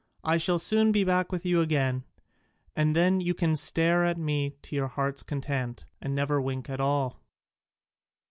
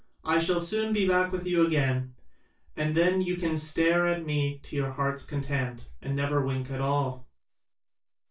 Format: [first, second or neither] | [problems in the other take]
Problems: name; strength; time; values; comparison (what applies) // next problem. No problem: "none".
first | room echo; dies away in 0.2 s